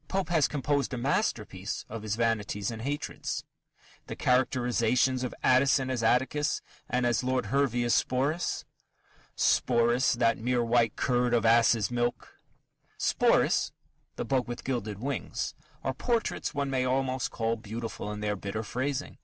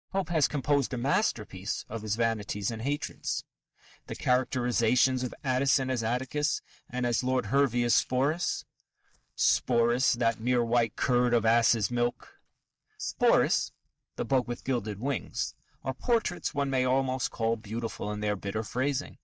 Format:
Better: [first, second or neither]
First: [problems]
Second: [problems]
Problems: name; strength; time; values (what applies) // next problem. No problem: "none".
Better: first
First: none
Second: noise reduction (neural mask model DeepFilterNet 3)